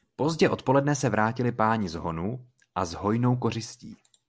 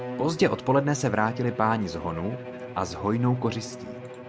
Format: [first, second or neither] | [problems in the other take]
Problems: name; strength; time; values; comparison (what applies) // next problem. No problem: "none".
first | background sound (Bowed string instrument); 11 dB below the speech